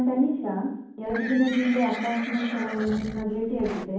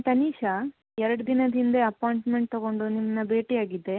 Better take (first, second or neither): second